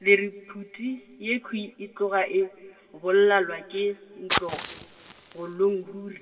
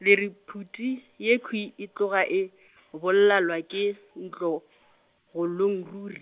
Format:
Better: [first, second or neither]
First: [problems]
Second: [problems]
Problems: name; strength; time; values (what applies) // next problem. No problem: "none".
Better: second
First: background sound (Fire); 12 dB below the speech // room echo; dies away in 2.7 s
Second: none